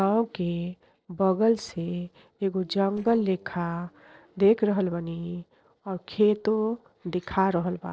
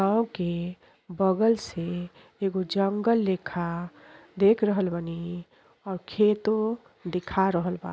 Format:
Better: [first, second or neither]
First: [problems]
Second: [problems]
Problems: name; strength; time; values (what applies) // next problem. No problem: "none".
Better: second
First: noise reduction (neural separator model SepFormer DNS4)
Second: none